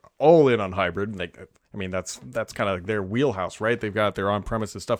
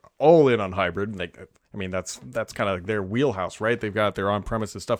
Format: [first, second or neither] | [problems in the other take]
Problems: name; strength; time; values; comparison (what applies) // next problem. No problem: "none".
neither | none